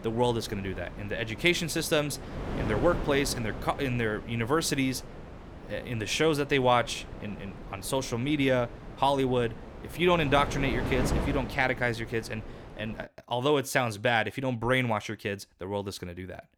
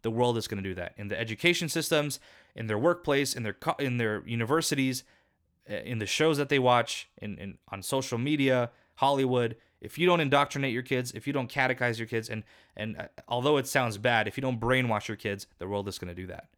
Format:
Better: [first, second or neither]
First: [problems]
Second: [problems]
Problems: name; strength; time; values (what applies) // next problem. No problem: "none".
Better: second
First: wind noise on the microphone; occasional gusts; until 13 s; 15 dB below the speech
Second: none